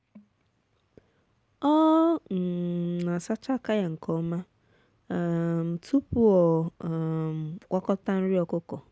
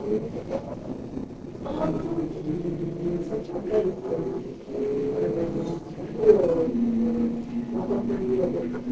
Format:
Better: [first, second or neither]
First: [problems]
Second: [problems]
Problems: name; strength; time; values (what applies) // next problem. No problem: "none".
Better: first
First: none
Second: noise reduction (neural separator model SepFormer DNS4)